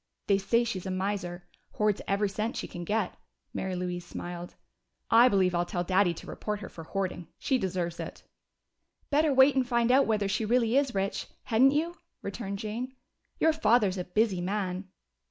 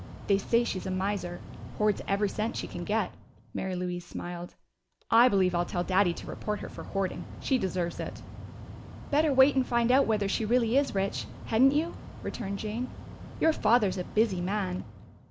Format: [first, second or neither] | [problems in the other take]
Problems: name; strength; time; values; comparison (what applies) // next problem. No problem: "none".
first | background sound (Mechanical fan); 13 dB below the speech